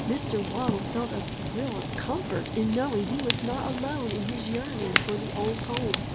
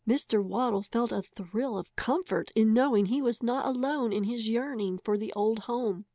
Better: second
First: background sound (Fire); 1 dB below the speech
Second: none

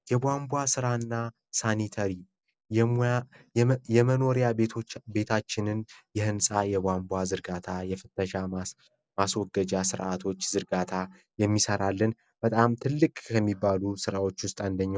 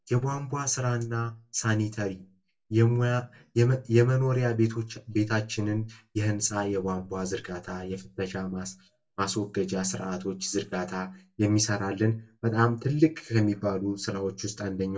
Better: first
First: none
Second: room echo; dies away in 0.2 s

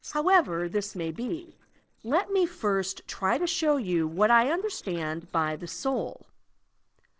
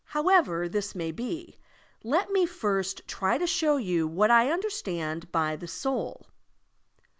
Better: second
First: noise reduction (neural separator model SepFormer DNS4)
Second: none

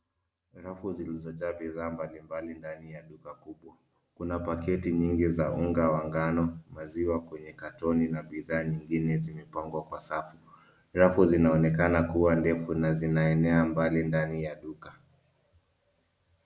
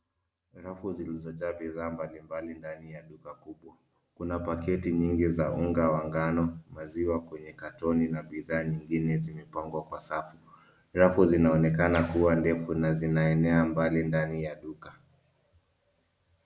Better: first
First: none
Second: background sound (Bird); 15 dB below the speech

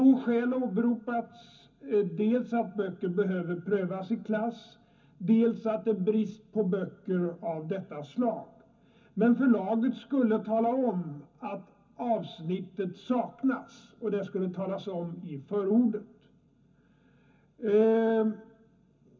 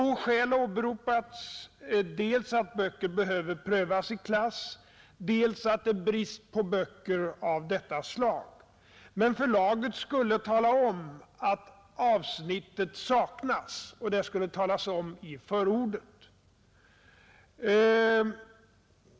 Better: second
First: room echo; dies away in 0.3 s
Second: none

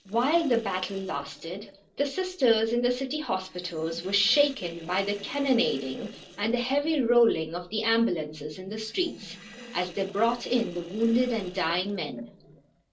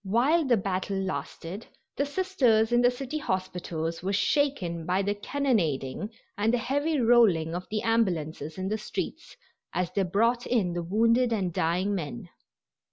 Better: second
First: noise reduction (neural separator model SepFormer DNS4)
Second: none

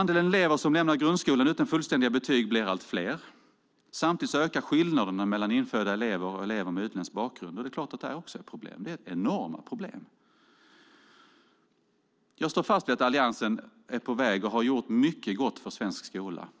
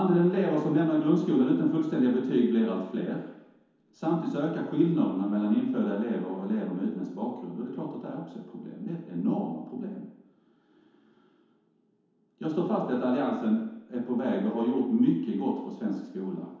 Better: first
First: none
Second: room echo; dies away in 1 s

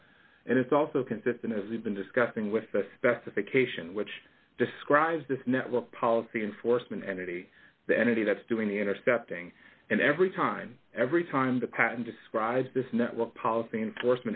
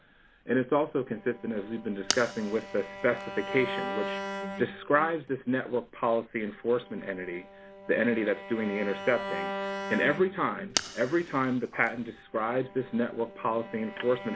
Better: first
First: none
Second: background sound (Fire + Bowed string instrument); 9 dB below the speech

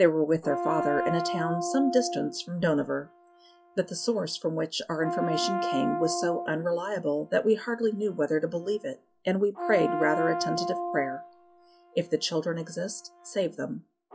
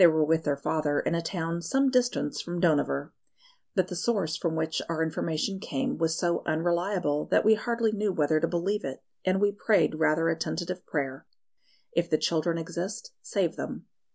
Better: second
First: noise reduction (classical method log-MMSE)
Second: none

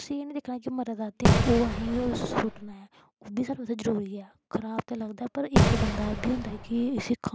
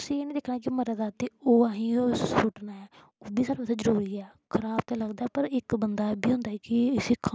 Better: second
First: background sound (Fireworks); 4 dB above the speech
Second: none

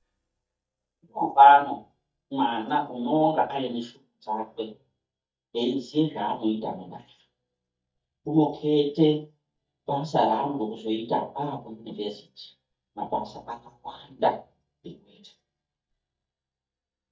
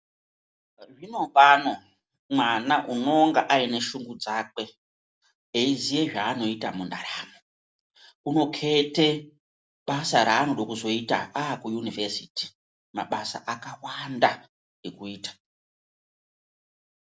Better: second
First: noise reduction (neural mask model DeepFilterNet 3)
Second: none

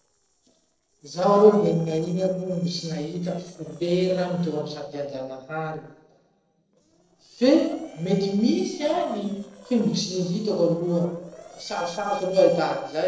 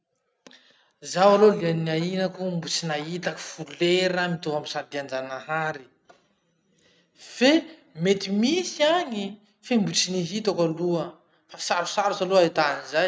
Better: second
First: noise reduction (neural separator model SepFormer DNS4)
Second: none

